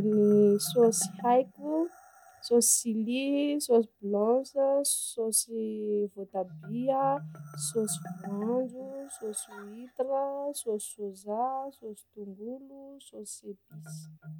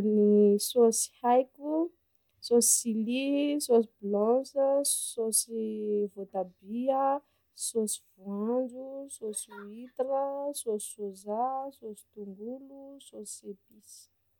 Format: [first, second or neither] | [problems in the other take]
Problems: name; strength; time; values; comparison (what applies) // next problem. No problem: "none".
second | background sound (Marimba, xylophone); 18 dB below the speech